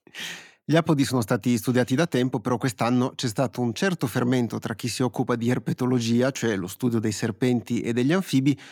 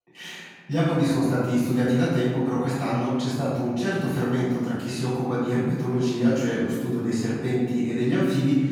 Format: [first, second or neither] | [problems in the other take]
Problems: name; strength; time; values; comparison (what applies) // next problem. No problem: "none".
first | off-mic speech; far // room echo; strong; dies away in 1.6 s